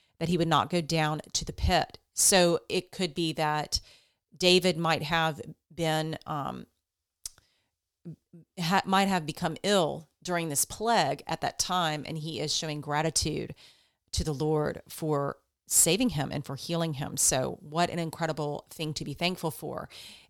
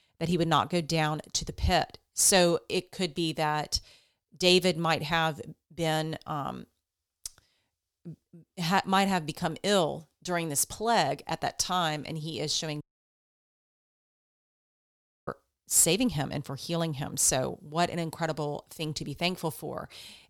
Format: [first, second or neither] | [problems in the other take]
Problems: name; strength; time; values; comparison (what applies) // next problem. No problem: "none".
first | audio cutting out; at 13 s for 2.5 s